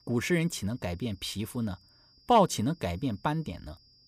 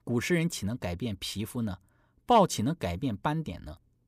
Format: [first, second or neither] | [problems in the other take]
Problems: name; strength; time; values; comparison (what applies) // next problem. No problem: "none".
second | high-pitched whine; faint; throughout; 5 kHz, 30 dB below the speech